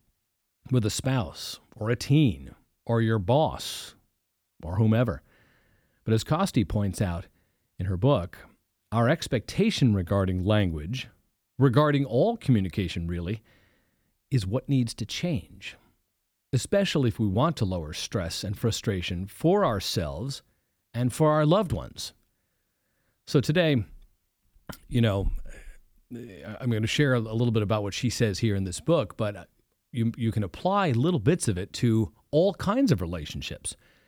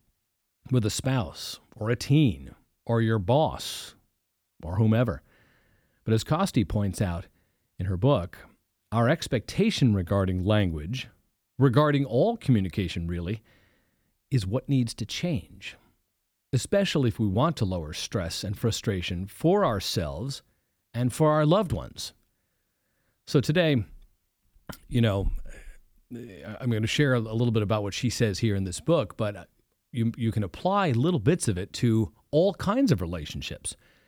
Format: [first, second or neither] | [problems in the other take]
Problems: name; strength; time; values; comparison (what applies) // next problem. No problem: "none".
neither | none